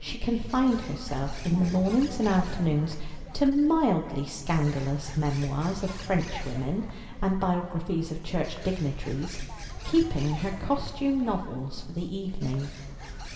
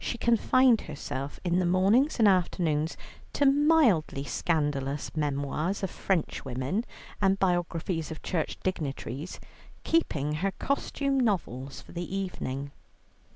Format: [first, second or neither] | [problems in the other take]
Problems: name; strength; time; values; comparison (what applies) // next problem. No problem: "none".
second | background sound (Bird); 13 dB below the speech // room echo; dies away in 2.2 s